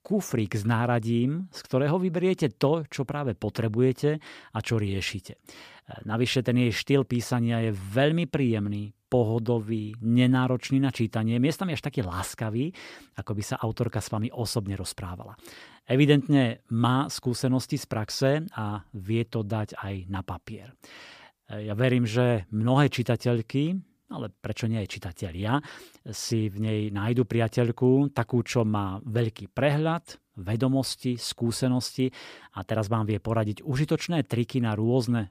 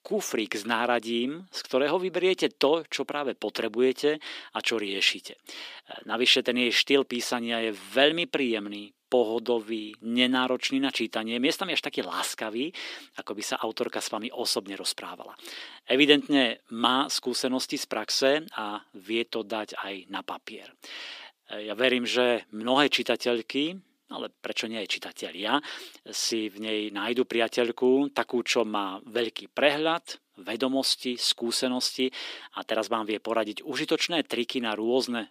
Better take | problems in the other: first | thin; somewhat; fading below 300 Hz

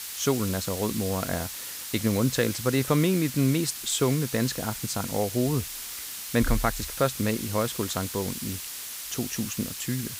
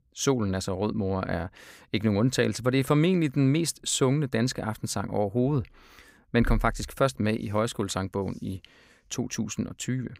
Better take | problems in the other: second | hiss; loud; throughout; 6 dB below the speech

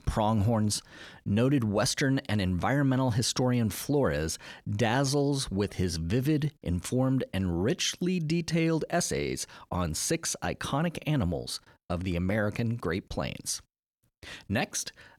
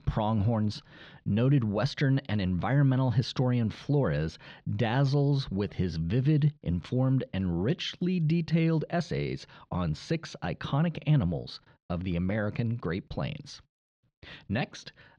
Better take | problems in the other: first | muffled; very slightly; fading above 4 kHz

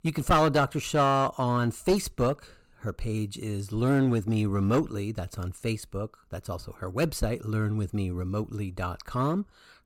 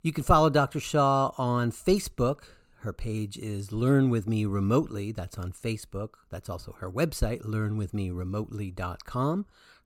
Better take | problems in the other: second | distortion; slight; 4% of the sound clipped

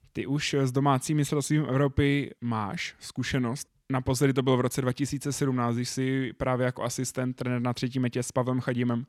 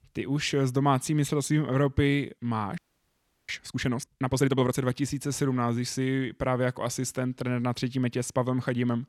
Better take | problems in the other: first | audio freezing; at 3 s for 0.5 s

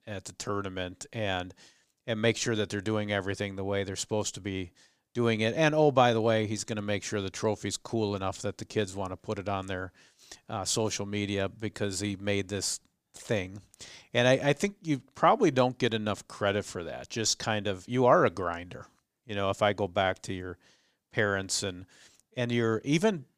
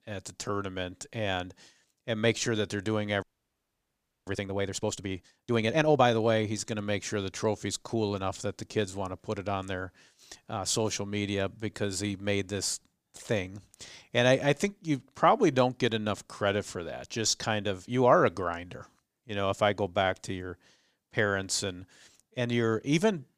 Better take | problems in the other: first | audio freezing; at 3 s for 1 s

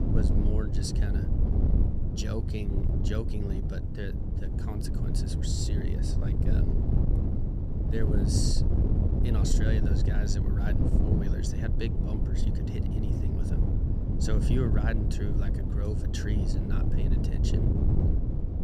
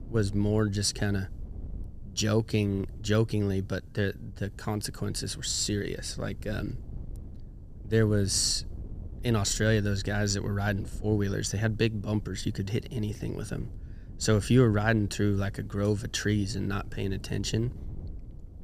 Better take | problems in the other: second | wind noise on the microphone; heavy; as loud as the speech; occasional gusts in the second

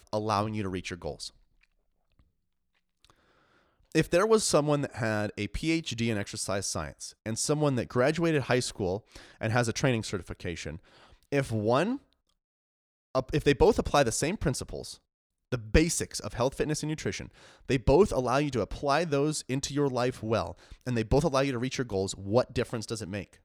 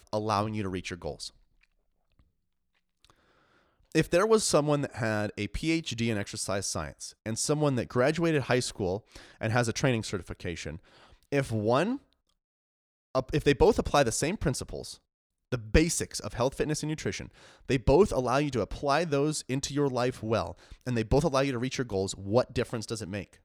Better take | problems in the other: neither | none

